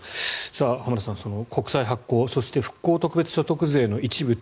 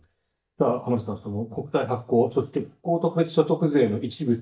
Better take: first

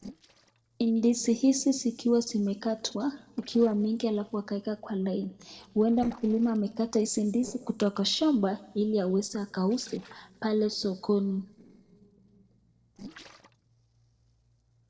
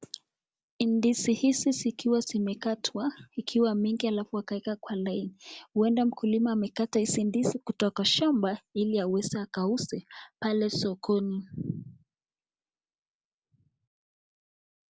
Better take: second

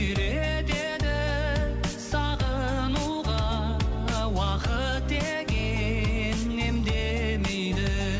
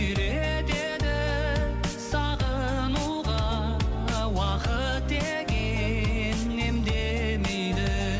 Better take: first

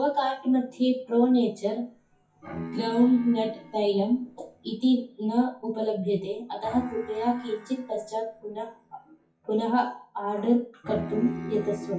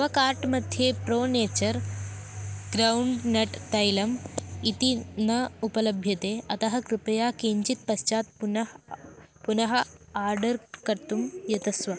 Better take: second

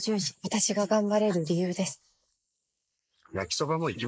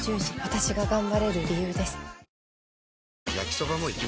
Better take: second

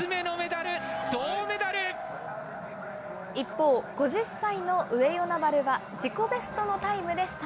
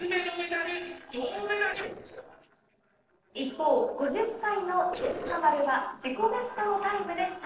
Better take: first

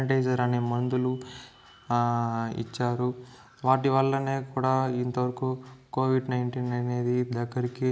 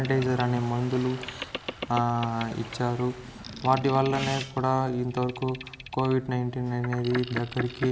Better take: first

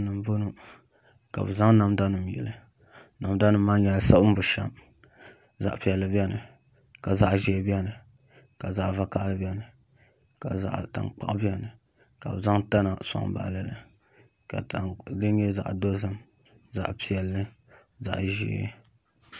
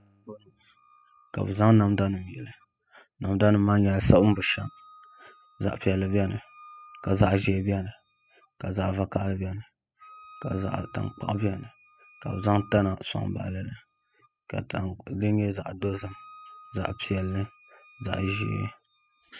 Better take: first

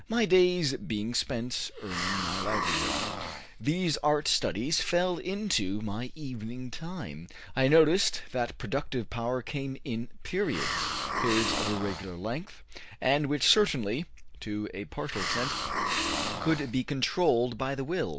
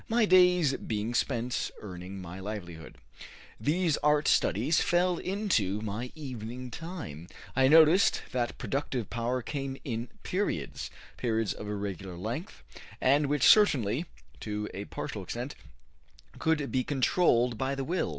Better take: second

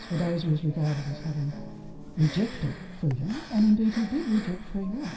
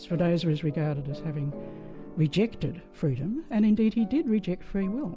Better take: second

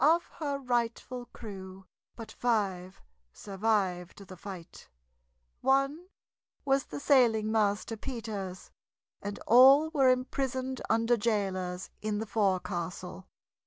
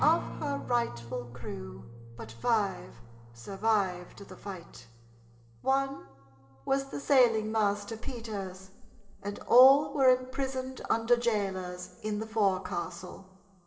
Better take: first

